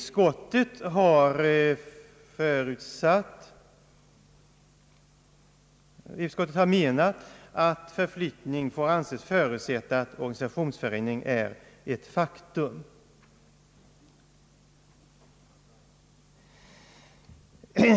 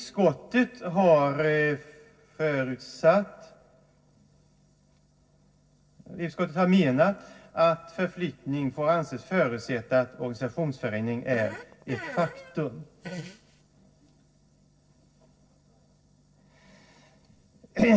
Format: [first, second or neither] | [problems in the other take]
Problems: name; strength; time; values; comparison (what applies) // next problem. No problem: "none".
first | noise reduction (neural separator model SepFormer DNS4)